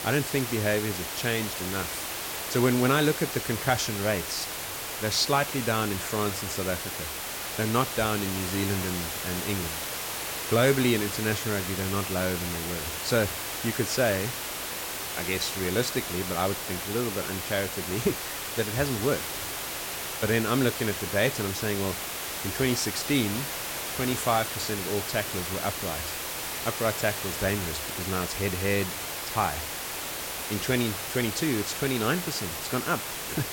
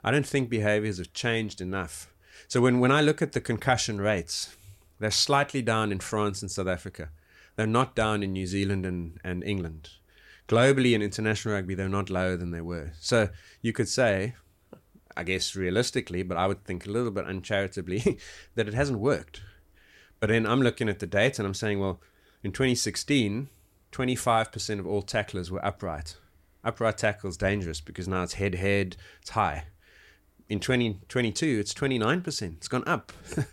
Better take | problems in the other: second | hiss; loud; throughout; 3 dB below the speech

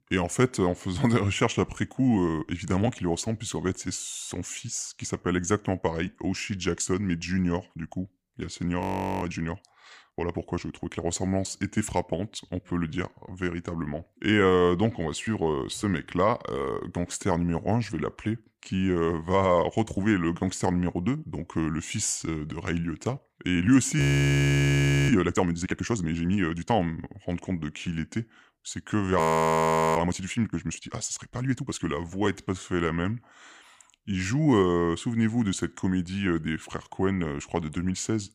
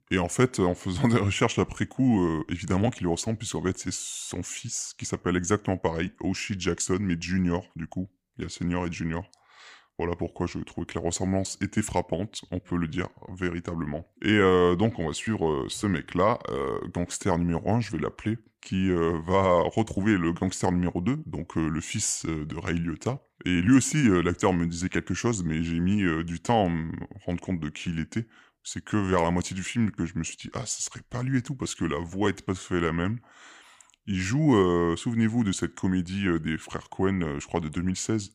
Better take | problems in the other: second | audio freezing; at 9 s, at 24 s for 1 s and at 29 s for 1 s

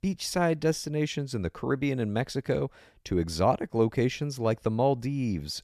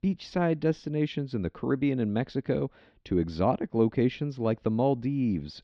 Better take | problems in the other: first | muffled; slightly; fading above 4 kHz

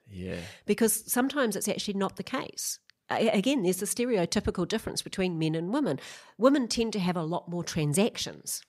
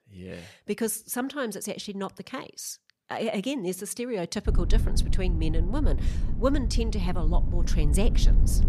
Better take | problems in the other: first | low rumble; noticeable; from 4.5 s on; 10 dB below the speech

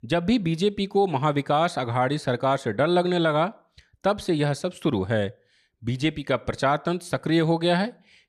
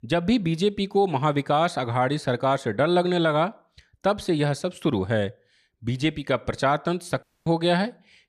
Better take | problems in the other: first | audio cutting out; at 7 s

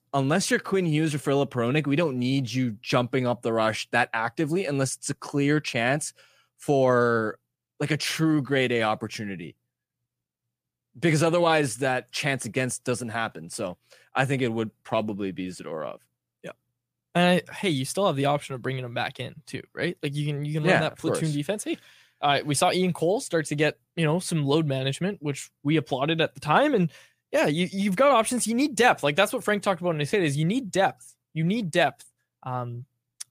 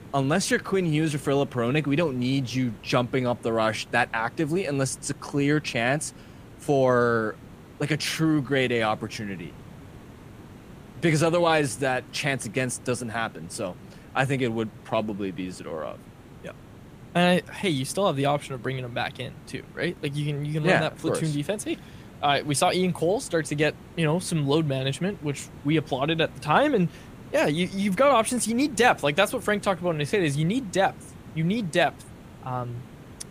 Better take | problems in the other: first | hiss; faint; throughout; 20 dB below the speech

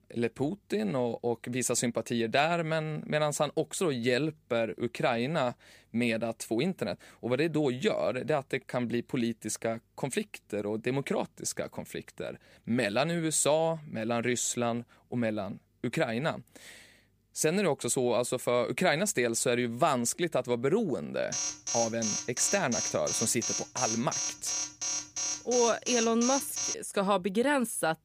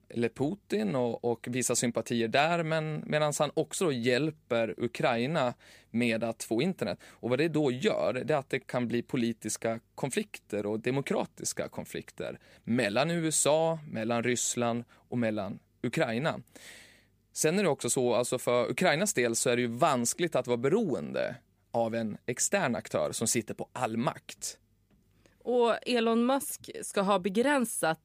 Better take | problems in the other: second | alarm; noticeable; from 21 to 27 s; peak 1 dB below the speech

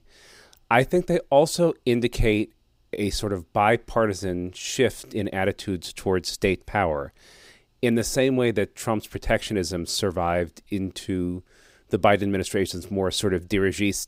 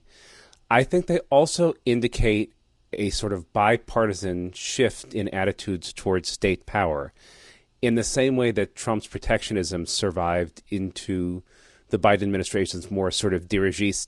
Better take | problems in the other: first | garbled, watery; slightly; nothing above 10 kHz

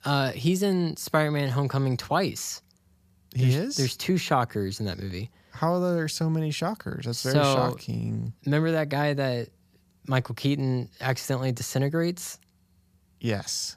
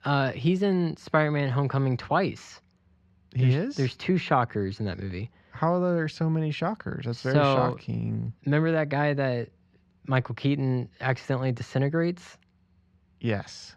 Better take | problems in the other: first | muffled; slightly; fading above 2.5 kHz

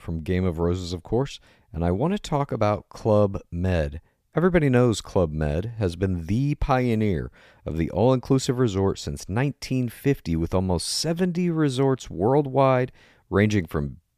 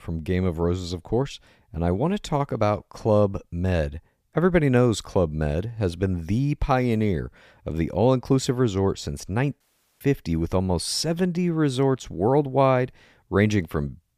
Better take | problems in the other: first | audio cutting out; at 9.5 s

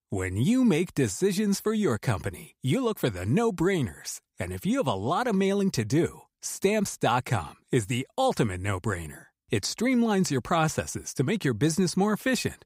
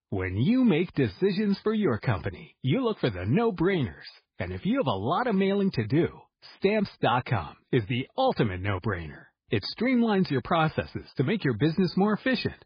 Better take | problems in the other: first | garbled, watery; badly; nothing above 5 kHz

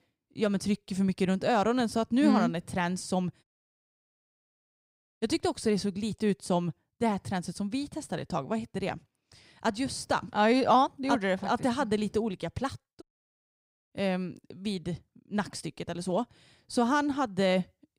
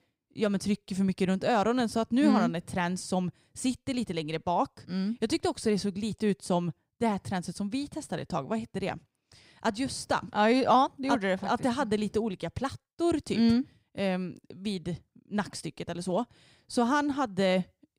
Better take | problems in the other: second | audio cutting out; at 3.5 s for 2 s and at 13 s for 1 s

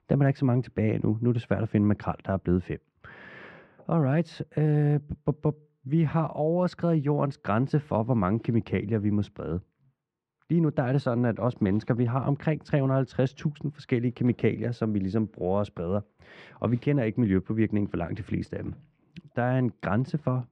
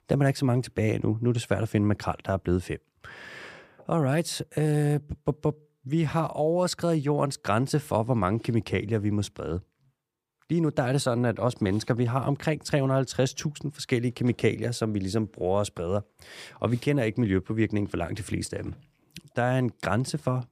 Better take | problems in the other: second | muffled; slightly; fading above 2.5 kHz

